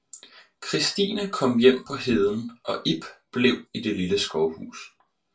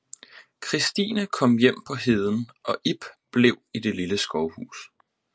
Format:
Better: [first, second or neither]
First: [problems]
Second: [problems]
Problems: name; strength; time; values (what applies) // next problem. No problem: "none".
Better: second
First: room echo; dies away in 0.2 s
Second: none